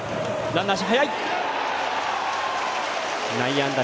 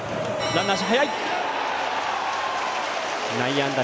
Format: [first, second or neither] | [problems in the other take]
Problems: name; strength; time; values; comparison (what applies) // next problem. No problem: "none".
first | background sound (Organ); 11 dB below the speech